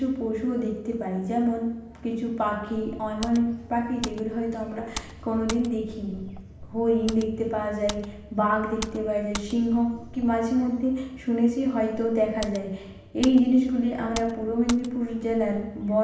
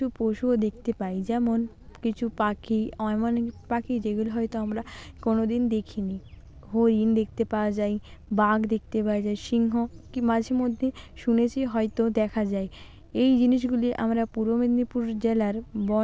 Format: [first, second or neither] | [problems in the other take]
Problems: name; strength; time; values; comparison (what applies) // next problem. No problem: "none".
second | background sound (Computer keyboard); 15 dB below the speech // room echo; dies away in 0.9 s